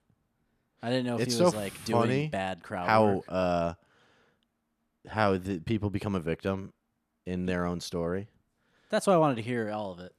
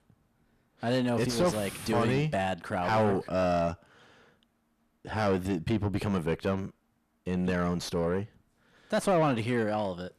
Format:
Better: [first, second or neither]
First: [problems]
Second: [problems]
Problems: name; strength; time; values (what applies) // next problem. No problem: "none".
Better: first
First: none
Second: distortion; heavy; 6 dB below the speech